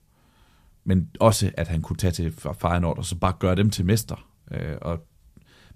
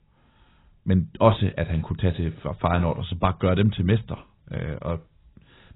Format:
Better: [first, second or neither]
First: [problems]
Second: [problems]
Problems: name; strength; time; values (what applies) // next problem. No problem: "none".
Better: first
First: none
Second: garbled, watery; badly; nothing above 4 kHz